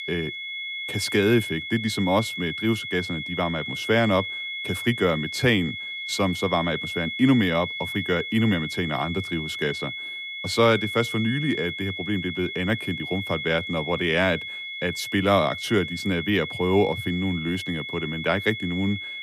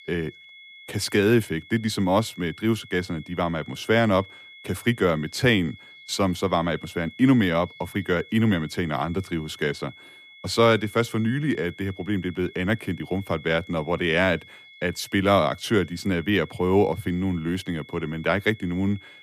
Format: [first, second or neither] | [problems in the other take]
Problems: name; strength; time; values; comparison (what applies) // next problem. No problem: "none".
second | high-pitched whine; loud; throughout; 2 kHz, 6 dB below the speech; faint in the second